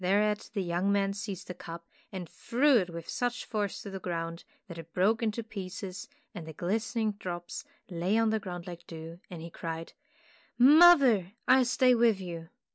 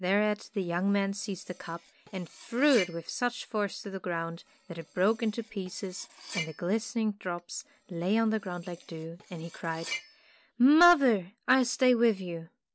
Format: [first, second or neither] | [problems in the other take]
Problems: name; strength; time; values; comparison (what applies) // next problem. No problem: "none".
first | background sound (Cutlery, silverware); 17 dB below the speech